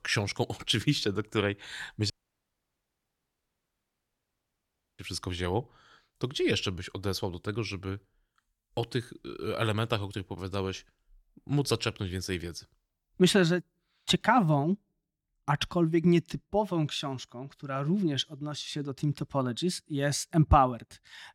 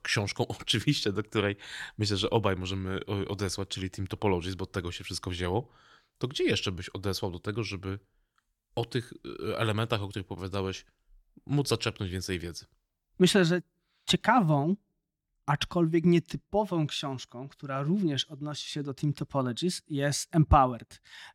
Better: second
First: audio cutting out; at 2 s for 3 s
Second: none

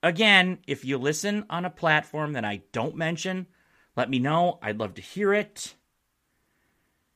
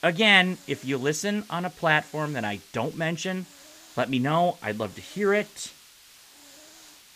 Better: first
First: none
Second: hiss; faint; throughout; 25 dB below the speech

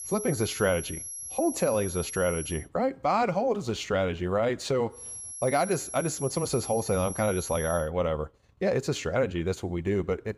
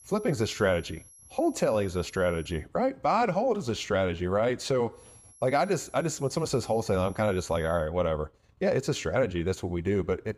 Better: second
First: high-pitched whine; loud; until 2.5 s and from 5 to 8 s; 11 kHz, 8 dB below the speech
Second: high-pitched whine; faint; until 2.5 s and from 5 to 8 s; 11 kHz, 25 dB below the speech

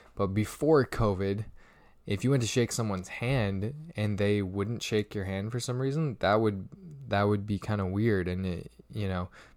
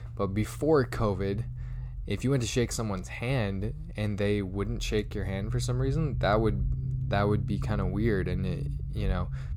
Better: first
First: none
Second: low rumble; noticeable; throughout; 15 dB below the speech

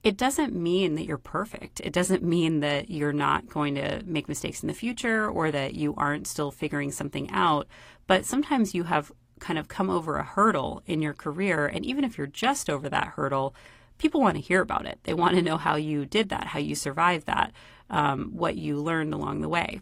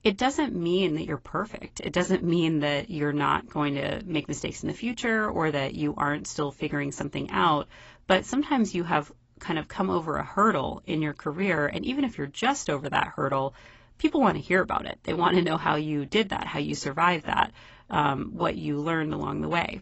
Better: first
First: garbled, watery; slightly; nothing above 15 kHz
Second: garbled, watery; badly; nothing above 8 kHz

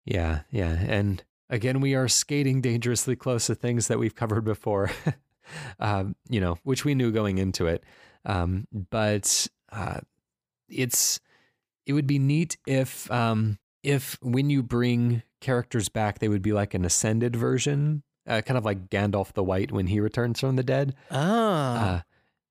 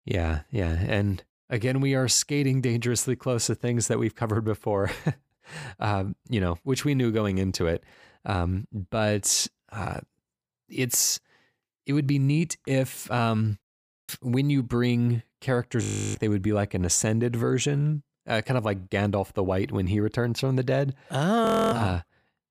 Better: first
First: none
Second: audio freezing; at 14 s, at 16 s and at 21 s

